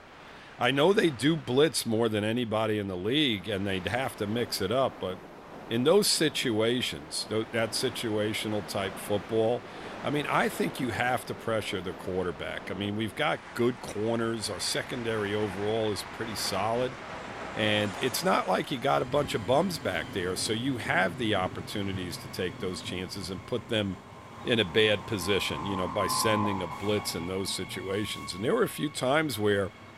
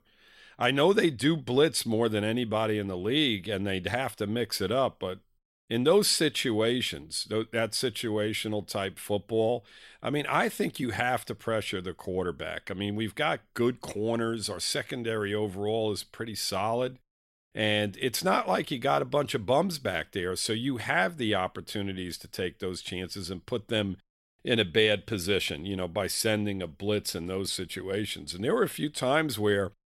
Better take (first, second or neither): second